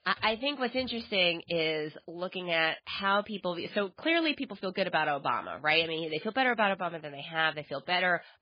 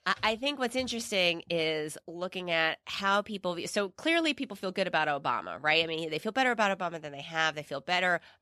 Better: second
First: garbled, watery; badly; nothing above 4.5 kHz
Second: none

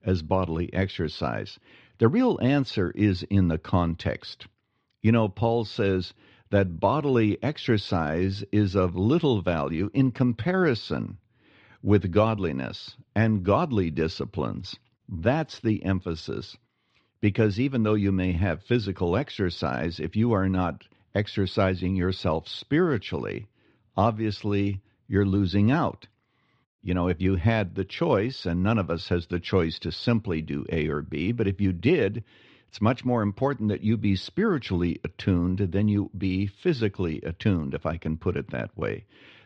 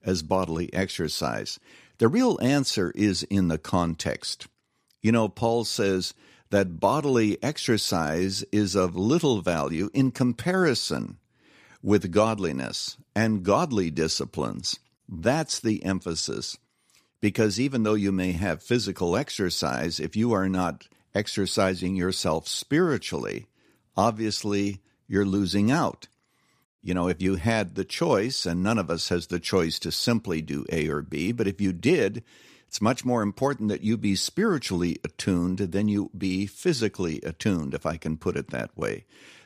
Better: second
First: muffled; slightly; fading above 3.5 kHz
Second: none

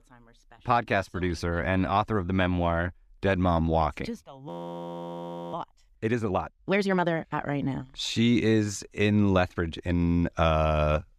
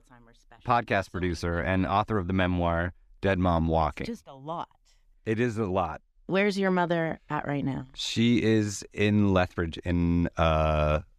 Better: second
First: audio freezing; at 4.5 s for 1 s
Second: none

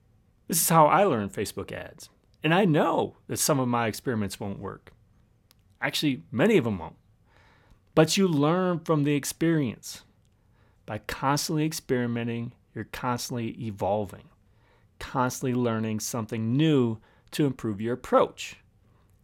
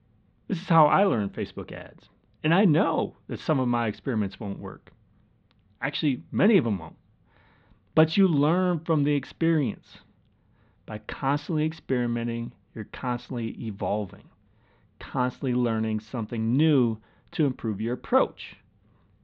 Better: first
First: none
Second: muffled; very; fading above 4 kHz

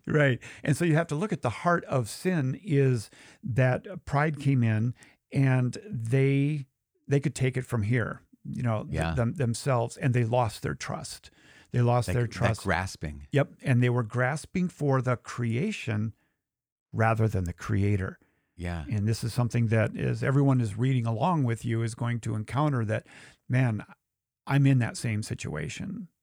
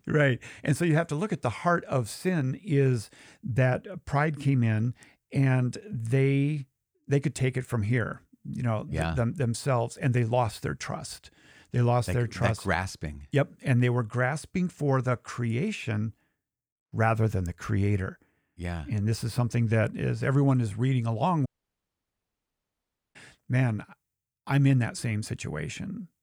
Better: first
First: none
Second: audio cutting out; at 21 s for 1.5 s

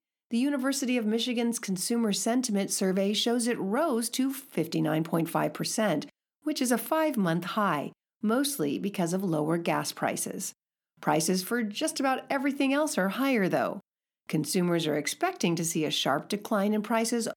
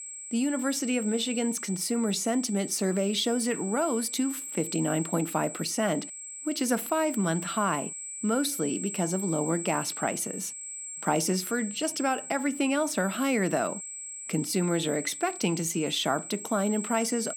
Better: first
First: none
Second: high-pitched whine; loud; throughout; 7.5 kHz, 8 dB below the speech

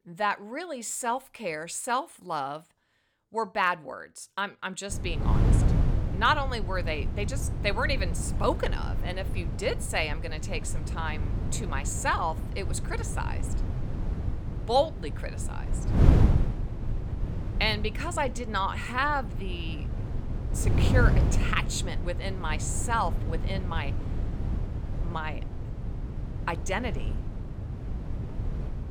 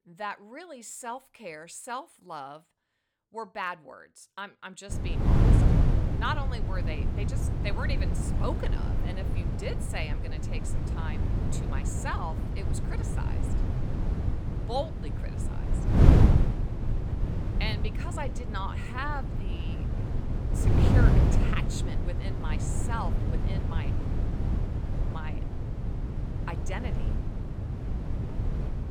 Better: first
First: wind noise on the microphone; occasional gusts; from 5 s on; 10 dB below the speech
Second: wind noise on the microphone; heavy; from 5 s on; 2 dB below the speech

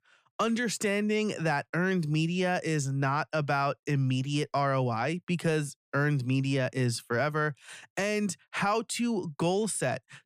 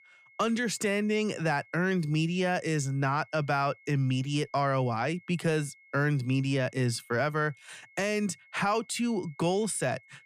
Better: first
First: none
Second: high-pitched whine; faint; throughout; 2 kHz, 25 dB below the speech

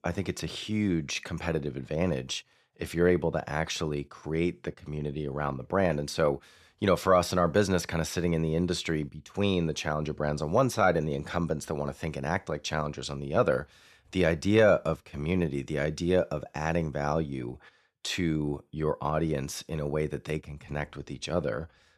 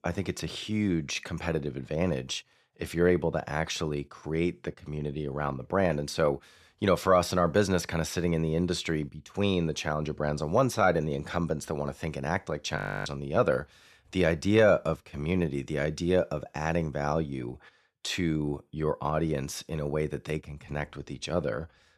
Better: first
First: none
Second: audio freezing; at 13 s

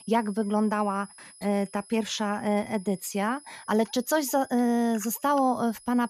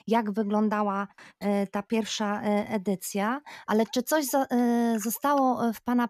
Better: second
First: high-pitched whine; faint; throughout; 10.5 kHz, 20 dB below the speech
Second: none

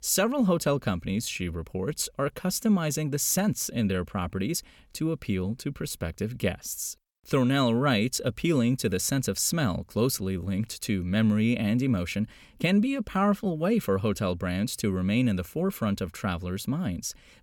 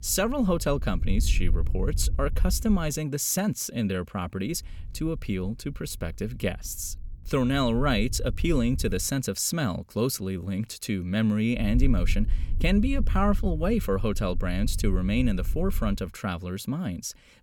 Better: first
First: none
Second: low rumble; faint; until 3 s, from 4.5 to 9 s and from 12 to 16 s; 20 dB below the speech

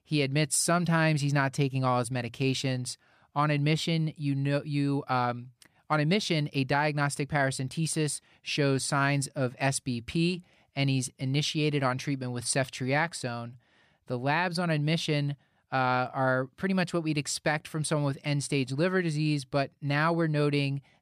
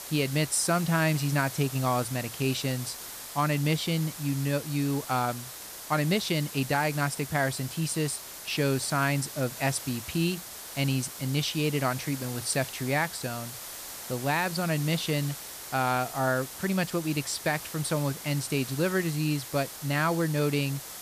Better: first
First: none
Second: hiss; loud; throughout; 10 dB below the speech

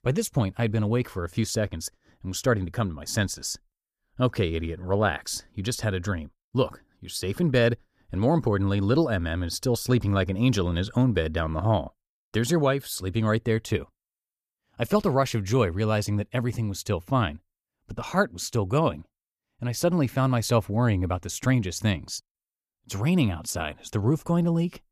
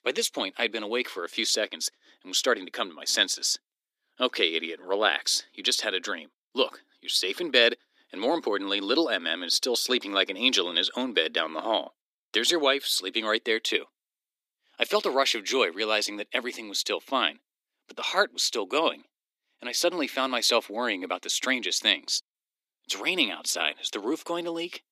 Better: first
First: none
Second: thin; somewhat; fading below 300 Hz

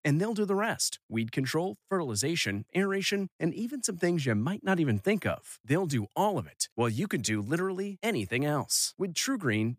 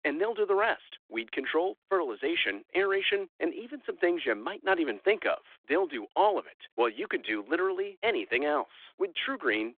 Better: first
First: none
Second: phone-call audio; nothing above 3.5 kHz

